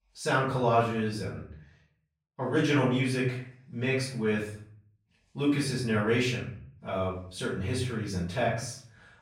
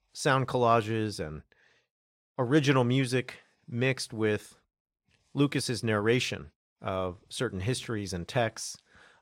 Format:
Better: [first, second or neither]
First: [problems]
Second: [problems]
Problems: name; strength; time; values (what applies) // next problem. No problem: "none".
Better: second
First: off-mic speech; far // room echo; noticeable; dies away in 0.6 s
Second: none